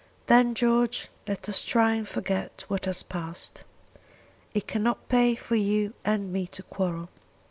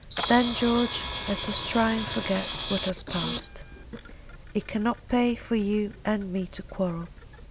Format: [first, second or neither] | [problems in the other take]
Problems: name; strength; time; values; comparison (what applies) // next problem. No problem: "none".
first | background sound (Camera); 8 dB below the speech